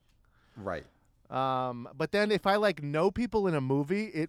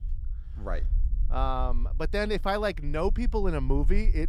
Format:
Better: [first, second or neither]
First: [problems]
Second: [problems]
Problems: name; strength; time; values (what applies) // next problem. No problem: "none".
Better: first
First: none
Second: low rumble; faint; throughout; 25 dB below the speech